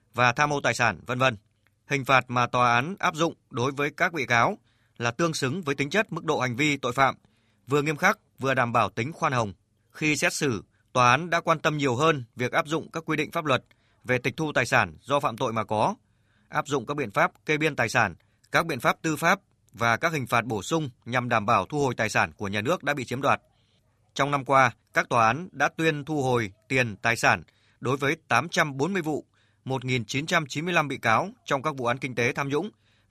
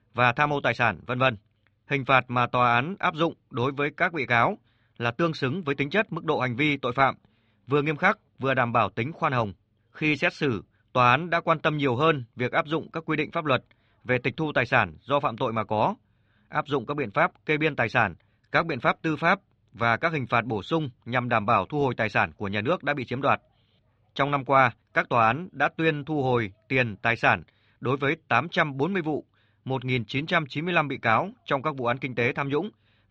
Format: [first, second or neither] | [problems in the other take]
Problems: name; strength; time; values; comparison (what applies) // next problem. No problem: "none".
first | muffled; slightly; fading above 3.5 kHz